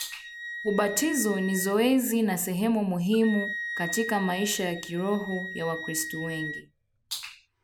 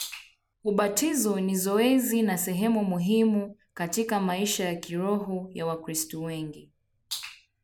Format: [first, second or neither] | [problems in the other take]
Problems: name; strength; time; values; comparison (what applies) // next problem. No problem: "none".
second | background sound (Wind instrument, woodwind instrument); 10 dB below the speech